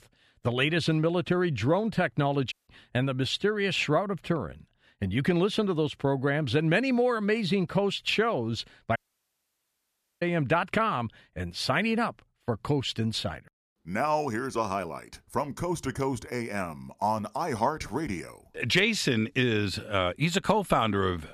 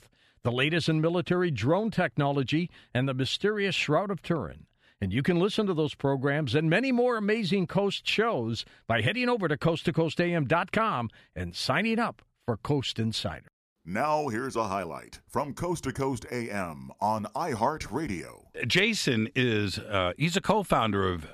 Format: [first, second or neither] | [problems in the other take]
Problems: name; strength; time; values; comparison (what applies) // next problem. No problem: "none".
second | audio cutting out; at 2.5 s and at 9 s for 1.5 s